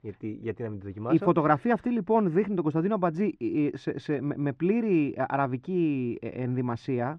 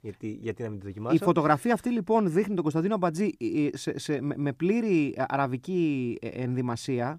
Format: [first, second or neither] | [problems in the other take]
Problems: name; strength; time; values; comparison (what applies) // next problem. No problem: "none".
second | muffled; slightly; fading above 2.5 kHz